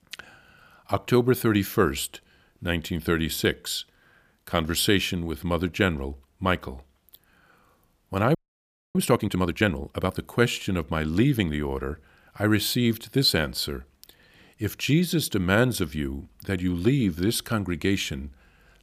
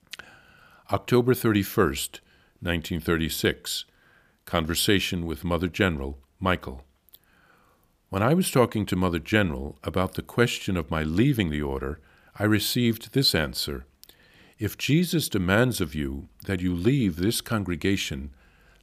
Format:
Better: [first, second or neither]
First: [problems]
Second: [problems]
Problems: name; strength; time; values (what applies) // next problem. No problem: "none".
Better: second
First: audio freezing; at 8.5 s for 0.5 s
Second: none